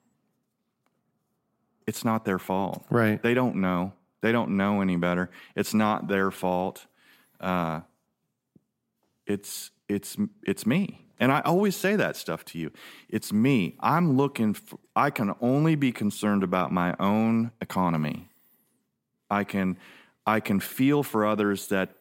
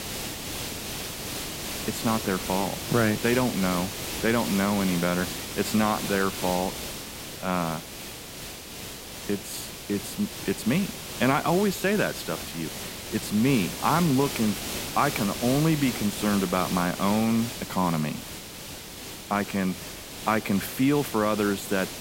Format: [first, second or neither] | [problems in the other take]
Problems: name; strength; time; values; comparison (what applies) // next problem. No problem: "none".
first | hiss; loud; throughout; 7 dB below the speech